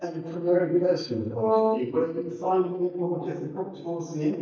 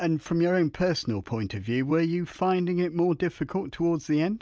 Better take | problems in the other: second | noise reduction (neural mask model DeepFilterNet 3)

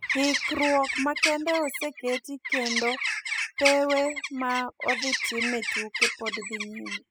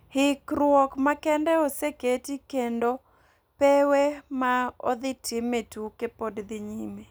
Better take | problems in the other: second | noise reduction (classical method spectral subtraction)

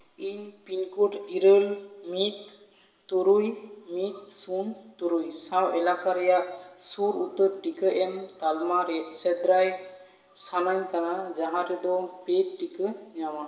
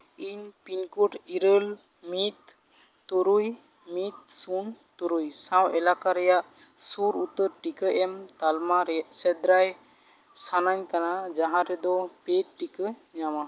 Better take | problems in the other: second | room echo; dies away in 1.1 s

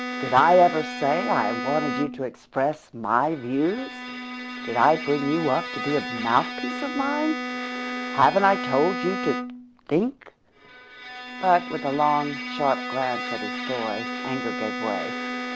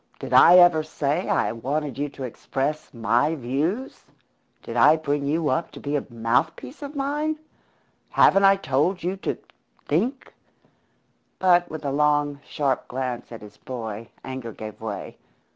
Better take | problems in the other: second | background sound (Bowed string instrument); 7 dB below the speech

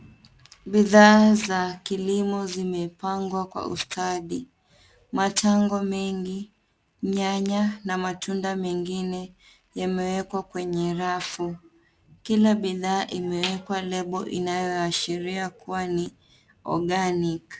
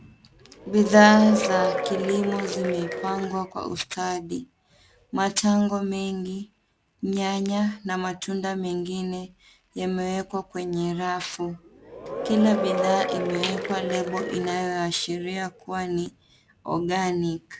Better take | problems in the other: first | background sound (Applause / Crowd / Cheering); 4 dB below the speech

